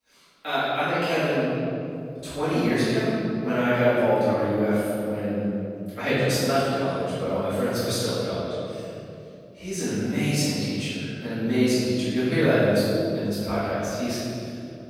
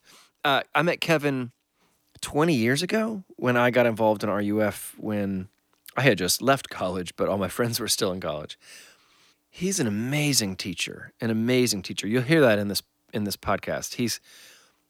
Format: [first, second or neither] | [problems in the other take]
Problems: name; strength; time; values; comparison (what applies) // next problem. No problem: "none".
second | off-mic speech; far // room echo; strong; dies away in 2.7 s